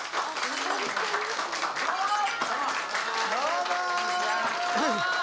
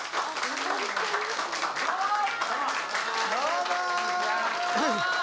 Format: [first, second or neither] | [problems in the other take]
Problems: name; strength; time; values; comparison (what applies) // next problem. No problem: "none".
second | background sound (Shatter); 17 dB below the speech